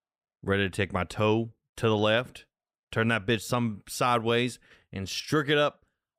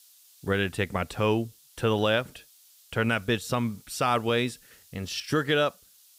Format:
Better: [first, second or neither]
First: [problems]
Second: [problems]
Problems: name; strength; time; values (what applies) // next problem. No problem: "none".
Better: first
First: none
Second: hiss; faint; throughout; 25 dB below the speech